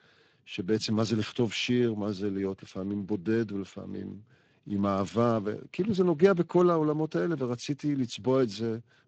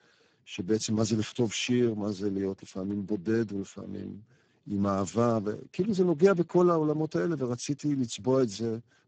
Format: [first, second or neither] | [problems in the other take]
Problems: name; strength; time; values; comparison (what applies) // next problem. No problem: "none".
first | garbled, watery; badly; nothing above 7.5 kHz; slightly in the first